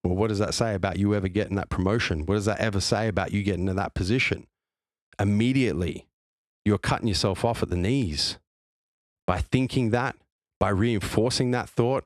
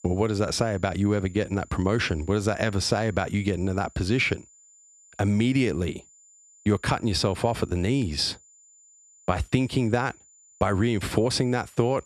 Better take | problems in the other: first | high-pitched whine; faint; throughout; 7 kHz, 25 dB below the speech

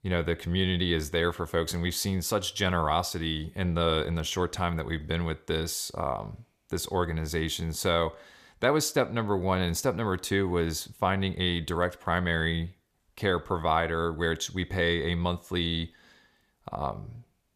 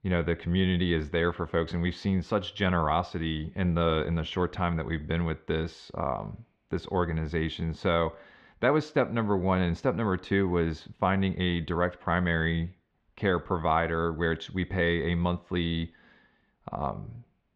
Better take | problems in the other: first | muffled; very; fading above 3 kHz

